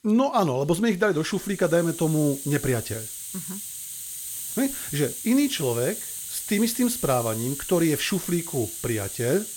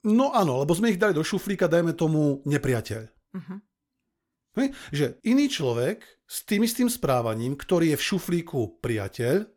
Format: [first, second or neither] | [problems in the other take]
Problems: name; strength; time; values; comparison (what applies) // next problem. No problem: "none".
second | hiss; loud; throughout; 7 dB below the speech